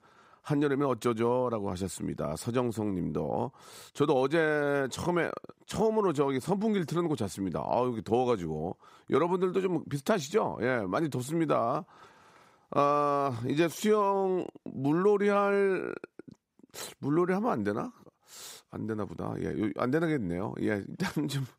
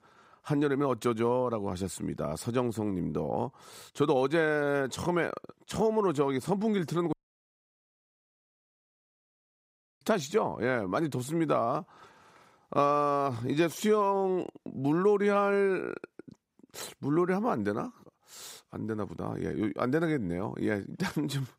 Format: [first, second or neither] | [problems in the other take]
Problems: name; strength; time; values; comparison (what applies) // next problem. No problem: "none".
first | audio cutting out; at 7 s for 3 s